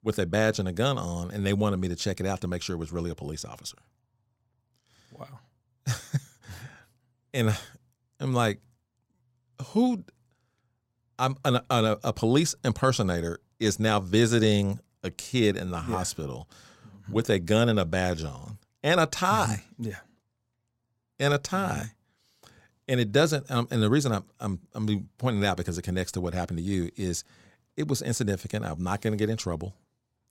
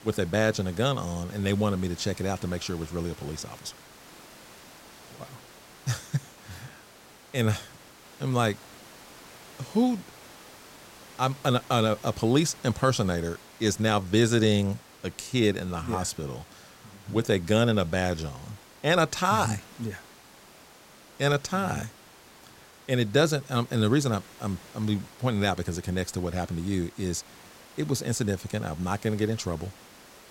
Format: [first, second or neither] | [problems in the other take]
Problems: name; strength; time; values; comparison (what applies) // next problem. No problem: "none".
first | hiss; faint; throughout; 20 dB below the speech